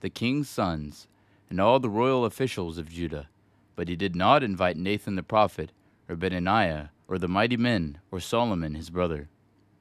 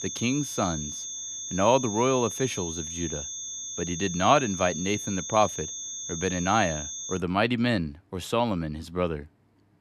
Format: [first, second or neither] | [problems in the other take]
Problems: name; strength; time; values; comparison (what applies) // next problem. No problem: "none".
first | high-pitched whine; loud; until 7 s; 6.5 kHz, 6 dB below the speech